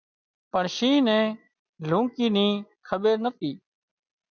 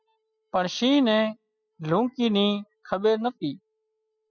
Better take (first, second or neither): first